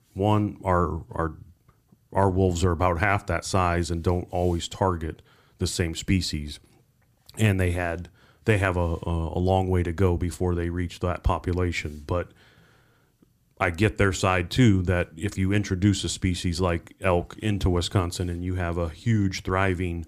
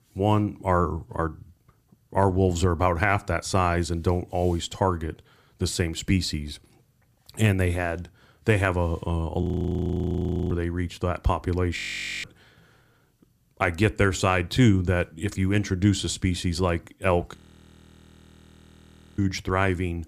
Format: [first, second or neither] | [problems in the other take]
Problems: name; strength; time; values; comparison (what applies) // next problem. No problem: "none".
first | audio freezing; at 9.5 s for 1 s, at 12 s and at 17 s for 2 s